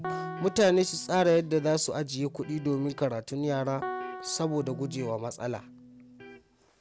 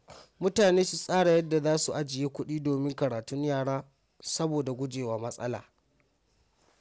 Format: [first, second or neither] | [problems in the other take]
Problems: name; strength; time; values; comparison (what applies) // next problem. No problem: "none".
second | background sound (Piano + Electric guitar); 13 dB below the speech